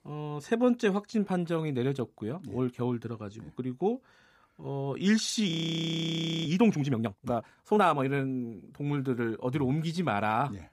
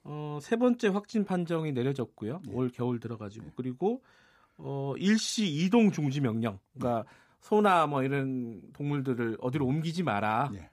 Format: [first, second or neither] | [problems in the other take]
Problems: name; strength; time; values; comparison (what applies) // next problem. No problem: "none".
second | audio freezing; at 5.5 s for 1 s